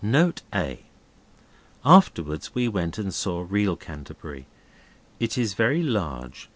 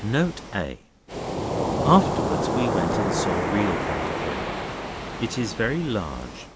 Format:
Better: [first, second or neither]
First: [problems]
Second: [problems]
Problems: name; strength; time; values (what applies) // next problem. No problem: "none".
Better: first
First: none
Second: background sound (Waves, surf); as loud as the speech